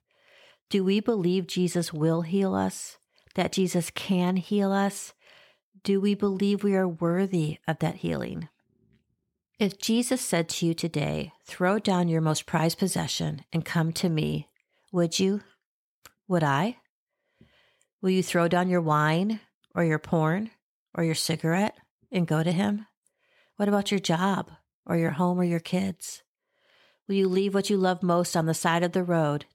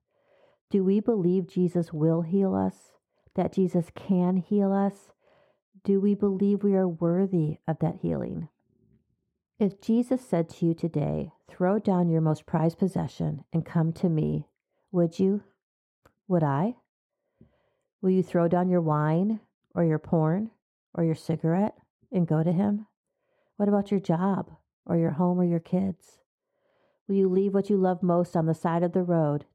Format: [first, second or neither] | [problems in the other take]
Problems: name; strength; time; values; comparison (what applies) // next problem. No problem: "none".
first | muffled; very; fading above 1.5 kHz